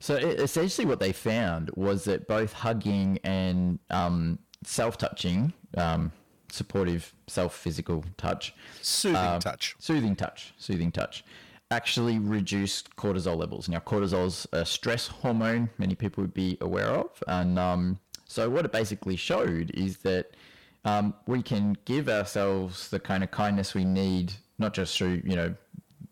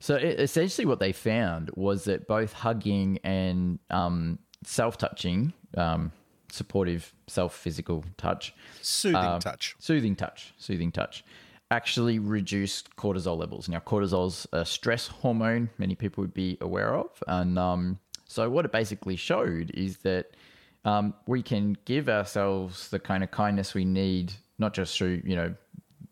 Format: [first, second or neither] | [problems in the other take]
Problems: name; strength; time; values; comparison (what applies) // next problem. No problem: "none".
second | distortion; slight; 7% of the sound clipped